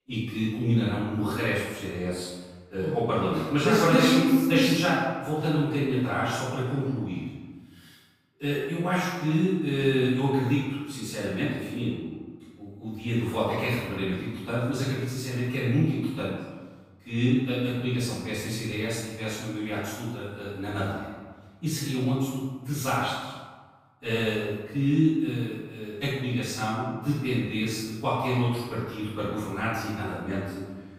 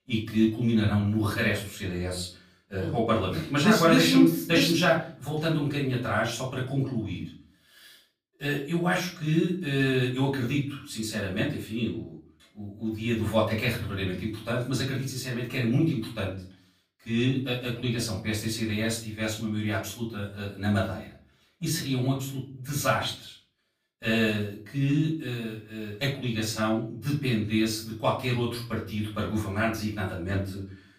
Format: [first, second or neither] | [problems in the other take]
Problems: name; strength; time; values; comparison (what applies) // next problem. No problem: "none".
second | room echo; strong; dies away in 1.2 s; slight in the second // off-mic speech; far; far in the second